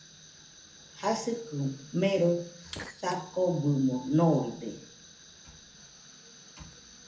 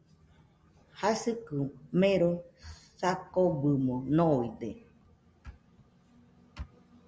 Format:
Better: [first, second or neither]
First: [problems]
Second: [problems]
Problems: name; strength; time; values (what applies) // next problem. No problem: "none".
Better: second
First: background sound (Fire); 19 dB below the speech // room echo; dies away in 0.4 s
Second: none